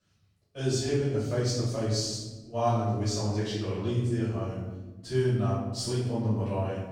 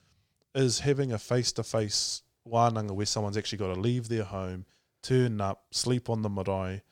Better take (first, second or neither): second